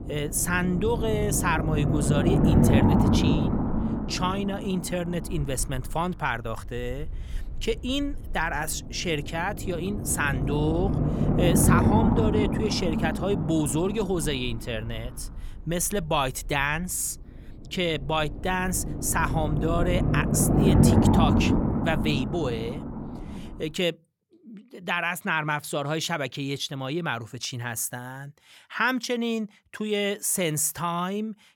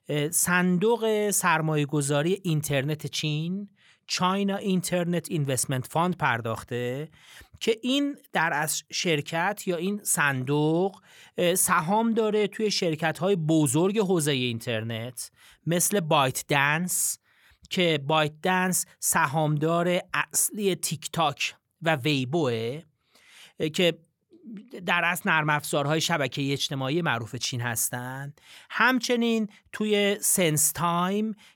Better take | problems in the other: second | low rumble; loud; until 24 s; 2 dB below the speech

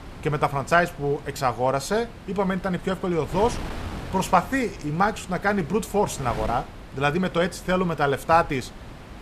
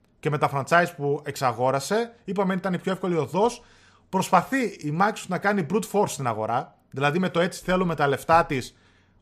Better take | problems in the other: second | wind noise on the microphone; occasional gusts; 20 dB below the speech

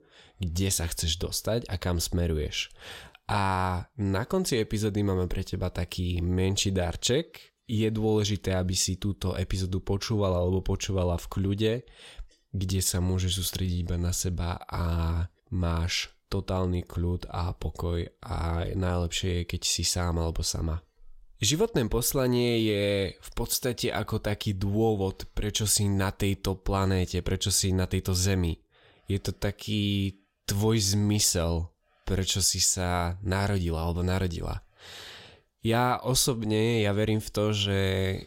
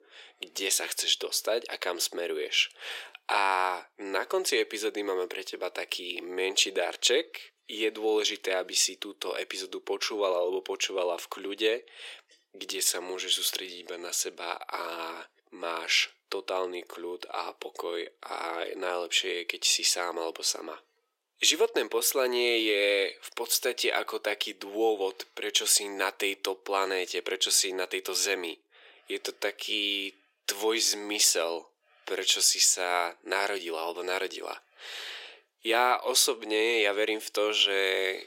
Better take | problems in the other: first | thin; very; fading below 350 Hz

